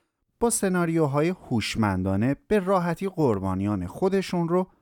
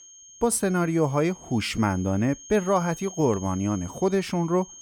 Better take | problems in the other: first | high-pitched whine; noticeable; throughout; 6.5 kHz, 20 dB below the speech

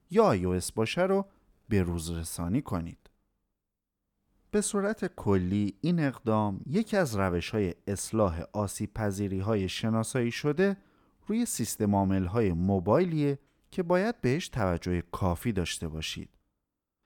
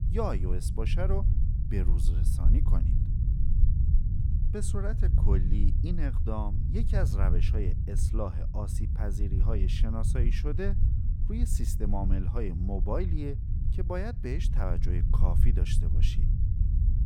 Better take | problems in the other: first | low rumble; loud; throughout; 6 dB below the speech

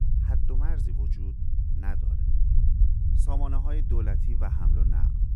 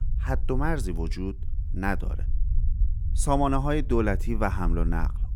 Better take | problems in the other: second | low rumble; loud; throughout; 1 dB below the speech; faint in the second

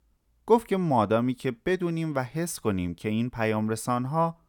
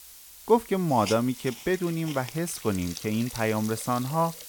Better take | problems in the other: first | hiss; noticeable; throughout; 10 dB below the speech

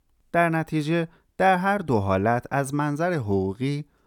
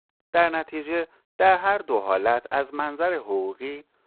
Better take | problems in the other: first | phone-call audio; poor line; nothing above 4 kHz

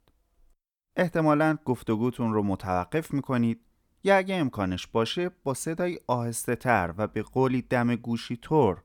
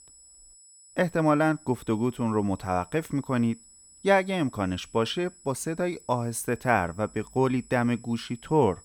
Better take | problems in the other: first | high-pitched whine; faint; throughout; 8 kHz, 25 dB below the speech

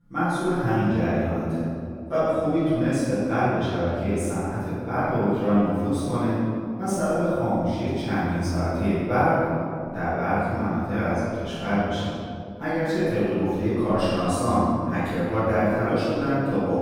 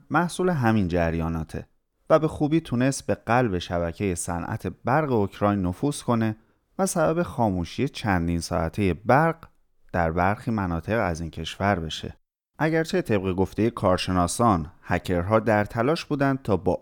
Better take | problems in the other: second | room echo; strong; dies away in 2.3 s // off-mic speech; far

